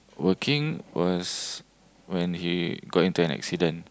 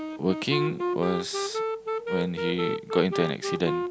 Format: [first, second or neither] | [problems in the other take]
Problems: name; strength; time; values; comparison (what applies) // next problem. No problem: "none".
first | background sound (Wind instrument, woodwind instrument); 1 dB below the speech